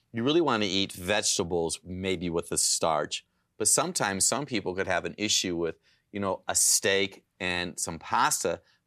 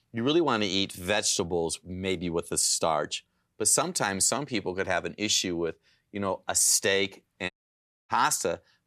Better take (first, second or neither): first